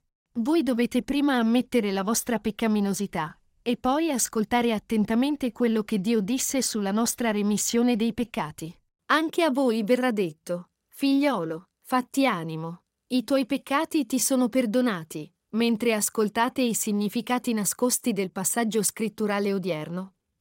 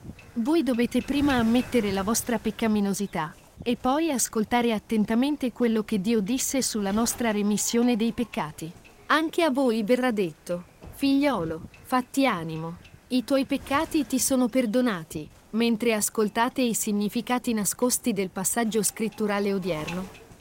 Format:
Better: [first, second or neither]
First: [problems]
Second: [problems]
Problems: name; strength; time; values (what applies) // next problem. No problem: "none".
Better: first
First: none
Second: wind noise on the microphone; occasional gusts; 20 dB below the speech